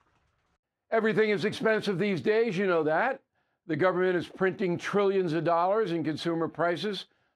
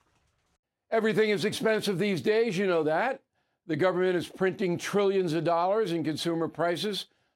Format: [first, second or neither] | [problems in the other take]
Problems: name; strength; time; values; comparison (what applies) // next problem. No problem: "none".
second | muffled; very slightly; fading above 1.5 kHz